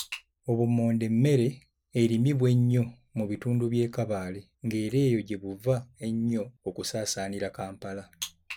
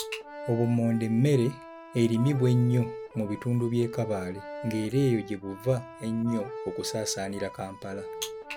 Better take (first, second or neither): first